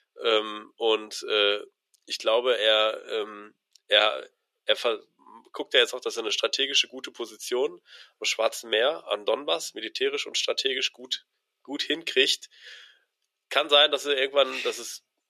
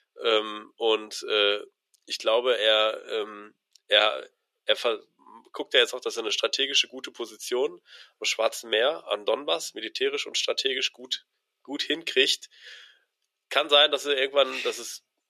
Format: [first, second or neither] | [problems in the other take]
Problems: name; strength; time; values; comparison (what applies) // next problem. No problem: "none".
neither | thin; very; fading below 400 Hz; the same in both